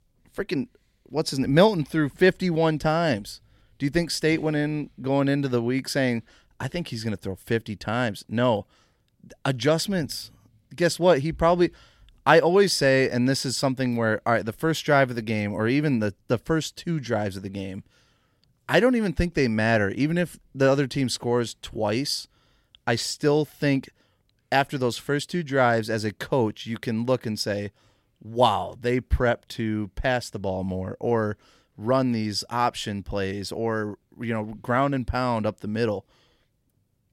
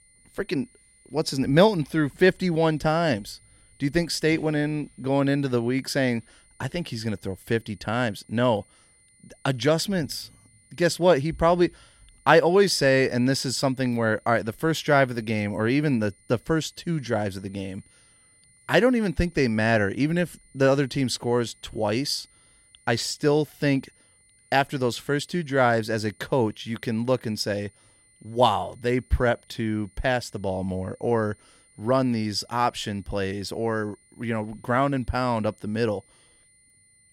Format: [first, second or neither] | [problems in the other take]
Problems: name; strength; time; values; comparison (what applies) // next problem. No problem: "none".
first | high-pitched whine; faint; throughout; 9 kHz, 30 dB below the speech